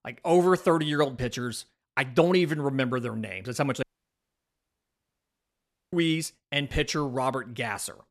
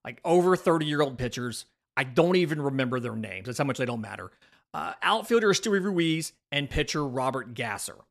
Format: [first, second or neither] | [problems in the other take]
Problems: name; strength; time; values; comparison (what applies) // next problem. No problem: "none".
second | audio cutting out; at 4 s for 2 s